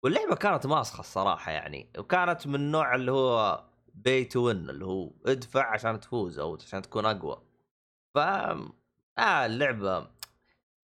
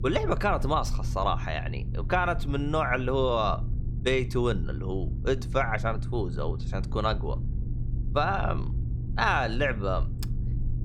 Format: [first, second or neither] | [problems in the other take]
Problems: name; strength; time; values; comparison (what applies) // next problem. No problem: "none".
first | low rumble; noticeable; throughout; 20 dB below the speech